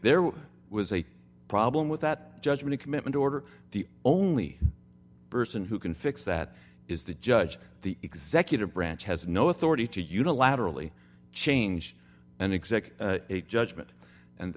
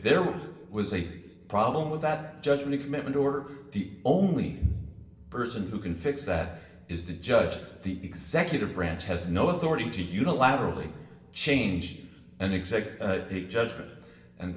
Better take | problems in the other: first | room echo; dies away in 1.1 s

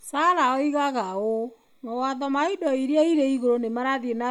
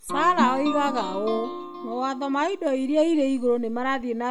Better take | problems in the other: first | background sound (Guitar); 8 dB below the speech

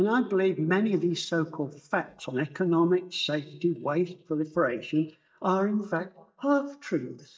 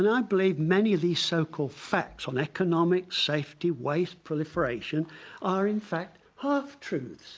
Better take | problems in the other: second | noise reduction (neural mask model DeepFilterNet 3)

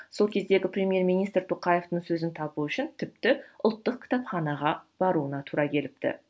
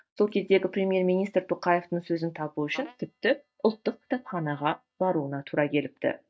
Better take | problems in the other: first | noise reduction (neural mask model DeepFilterNet 3)

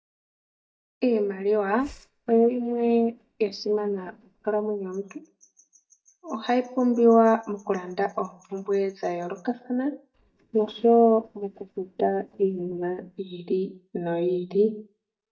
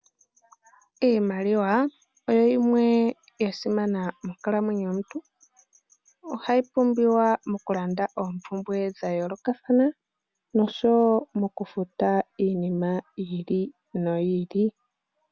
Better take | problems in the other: second | noise reduction (neural mask model DeepFilterNet 3)

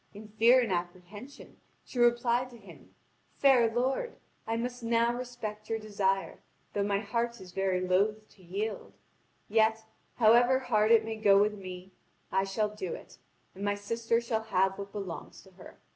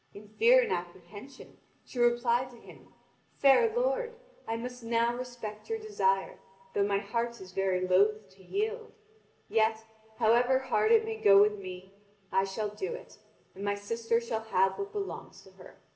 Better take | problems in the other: first | room echo; dies away in 2.2 s

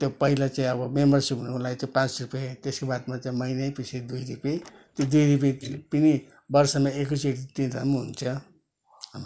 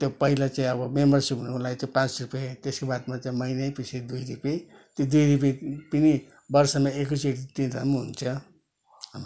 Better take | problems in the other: second | noise reduction (neural mask model Resemble Enhance denoiser)

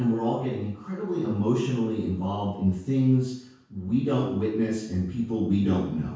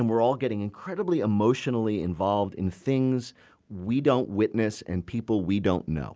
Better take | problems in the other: second | room echo; dies away in 0.6 s

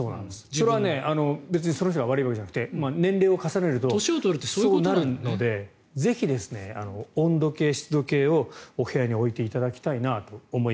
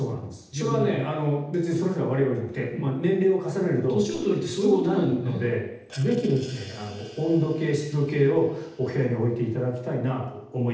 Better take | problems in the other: first | noise reduction (neural separator model SepFormer DNS4)

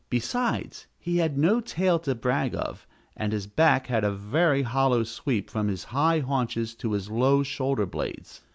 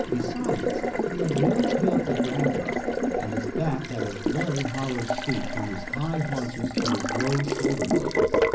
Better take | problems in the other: first | background sound (Water tap, faucet); 3 dB above the speech // room echo; dies away in 0.5 s

